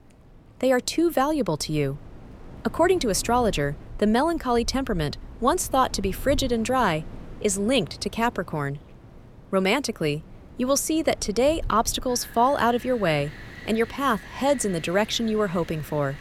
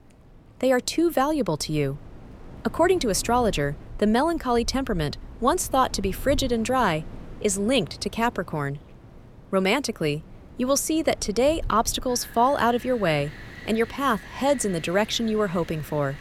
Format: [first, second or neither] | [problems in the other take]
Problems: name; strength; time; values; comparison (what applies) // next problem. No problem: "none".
neither | wind in the background; noticeable; throughout; 20 dB below the speech; the same in both